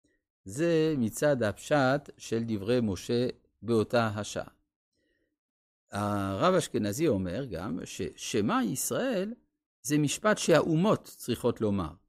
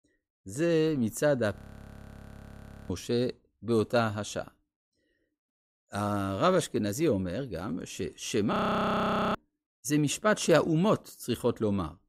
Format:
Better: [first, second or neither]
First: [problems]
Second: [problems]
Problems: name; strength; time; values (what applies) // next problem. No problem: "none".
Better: first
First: none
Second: audio freezing; at 1.5 s for 1.5 s and at 8.5 s for 1 s